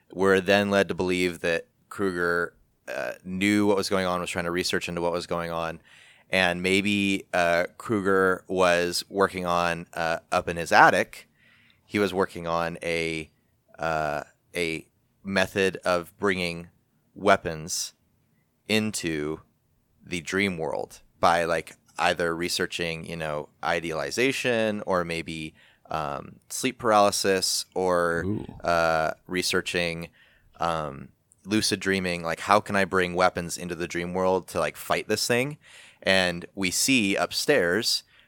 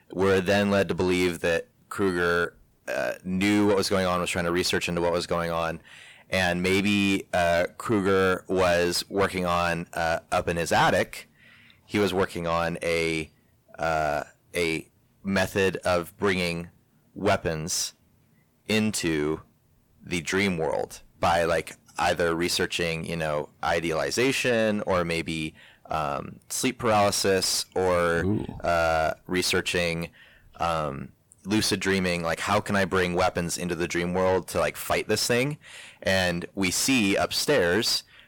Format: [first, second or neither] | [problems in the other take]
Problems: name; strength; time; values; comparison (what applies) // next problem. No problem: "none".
first | distortion; heavy; 7 dB below the speech